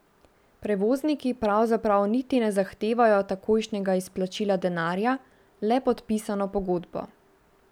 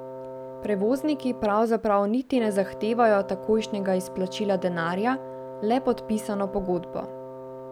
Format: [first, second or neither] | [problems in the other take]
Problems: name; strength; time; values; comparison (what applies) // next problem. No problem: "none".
first | background sound (Wind instrument, woodwind instrument); 12 dB below the speech